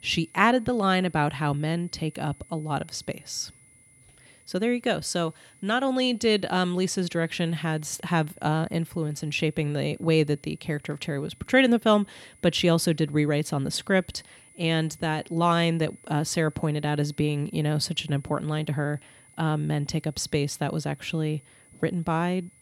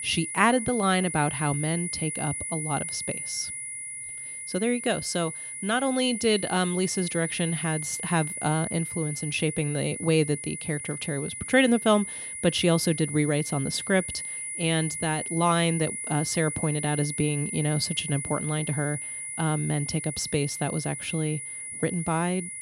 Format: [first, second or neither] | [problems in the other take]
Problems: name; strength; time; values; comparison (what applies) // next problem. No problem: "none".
first | high-pitched whine; loud; throughout; 10 kHz, 5 dB below the speech; faint in the first